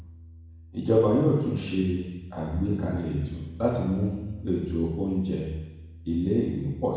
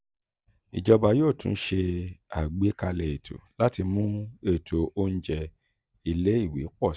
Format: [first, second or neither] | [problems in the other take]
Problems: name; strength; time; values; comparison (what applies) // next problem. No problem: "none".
second | background sound (Bass guitar); 16 dB below the speech // room echo; dies away in 1.1 s